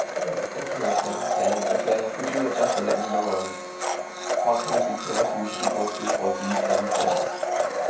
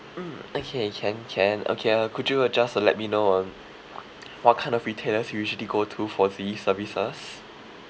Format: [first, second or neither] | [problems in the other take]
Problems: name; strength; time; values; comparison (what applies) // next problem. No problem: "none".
second | background sound (Domestic sounds, home sounds); 4 dB above the speech // room echo; dies away in 0.6 s